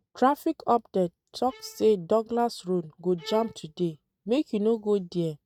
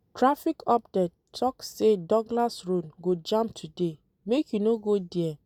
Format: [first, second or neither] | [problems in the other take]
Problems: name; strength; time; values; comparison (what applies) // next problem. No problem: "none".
second | noise reduction (neural mask model RNNoise)